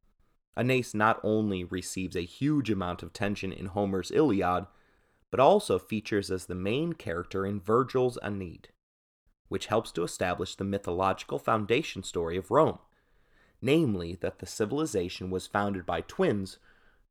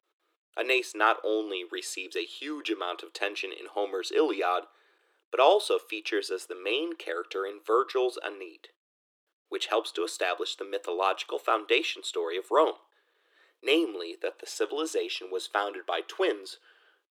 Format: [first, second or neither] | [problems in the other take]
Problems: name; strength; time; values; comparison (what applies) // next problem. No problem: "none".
first | thin; very; fading below 350 Hz